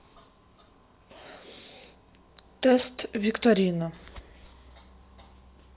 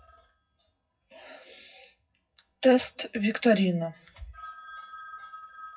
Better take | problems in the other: first | noise reduction (classical method WPE with log-MMSE)

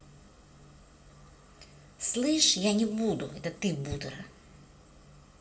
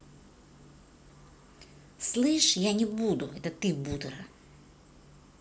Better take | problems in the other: second | room echo; dies away in 1.9 s

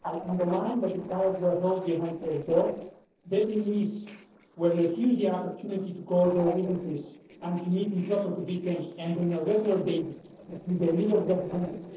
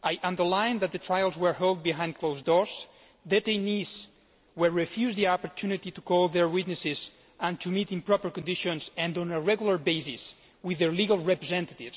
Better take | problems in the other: second | noise reduction (neural separator model SepFormer DNS4)

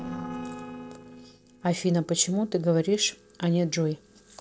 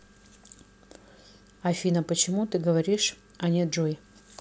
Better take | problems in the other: second | noise reduction (neural separator model SepFormer DNS4)

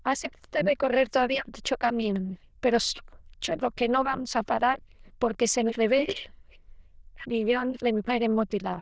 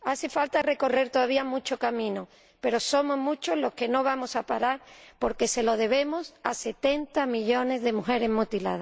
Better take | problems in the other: second | noise reduction (neural diffusion model UNIVERSE++)

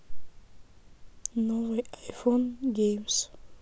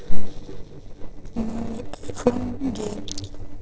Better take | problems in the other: first | noise reduction (neural separator model SepFormer DNS4)

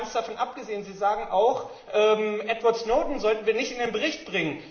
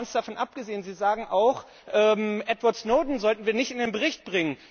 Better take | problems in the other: second | room echo; dies away in 1.2 s

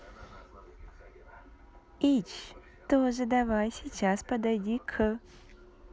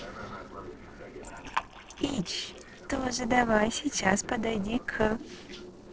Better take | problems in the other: first | noise reduction (neural separator model SepFormer DNS4)

